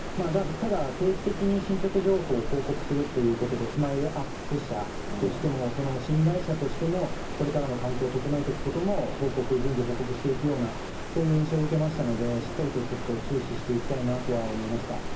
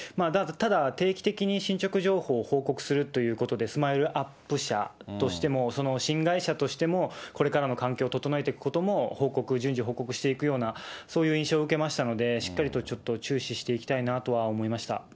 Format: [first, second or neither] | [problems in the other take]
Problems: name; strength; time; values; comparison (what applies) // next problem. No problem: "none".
second | background sound (Stream); 5 dB below the speech // room echo; dies away in 0.4 s